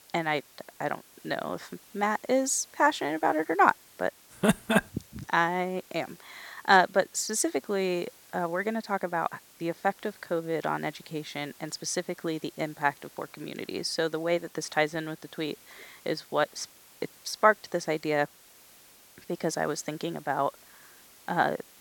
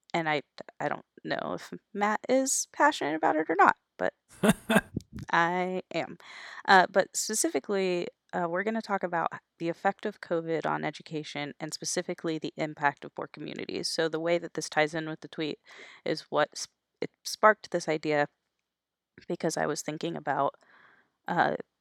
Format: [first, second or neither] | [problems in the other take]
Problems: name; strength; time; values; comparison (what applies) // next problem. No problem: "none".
second | hiss; faint; throughout; 25 dB below the speech